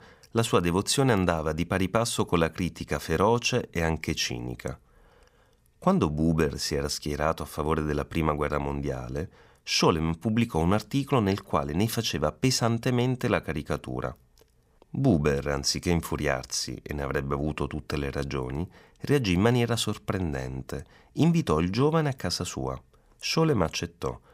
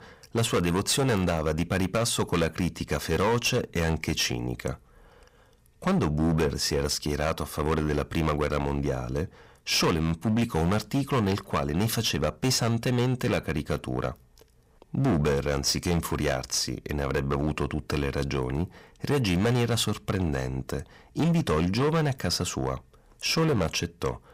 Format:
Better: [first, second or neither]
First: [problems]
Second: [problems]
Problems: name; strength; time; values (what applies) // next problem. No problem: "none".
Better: first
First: none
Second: distortion; heavy; 12% of the sound clipped